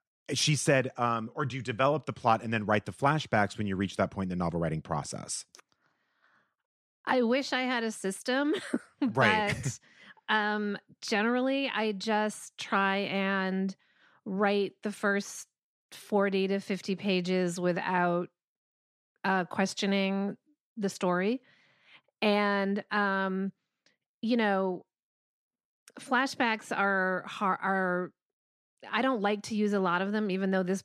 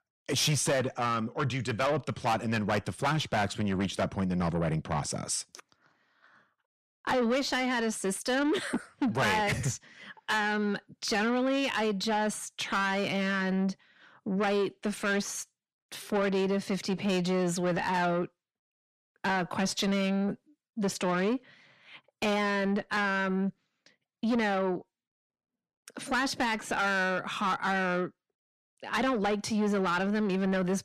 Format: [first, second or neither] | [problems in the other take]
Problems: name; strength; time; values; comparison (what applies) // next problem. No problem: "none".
first | distortion; heavy; 7 dB below the speech